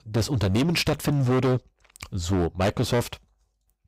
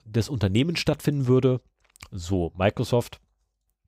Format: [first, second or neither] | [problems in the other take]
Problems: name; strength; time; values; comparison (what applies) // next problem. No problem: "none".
second | distortion; heavy; 16% of the sound clipped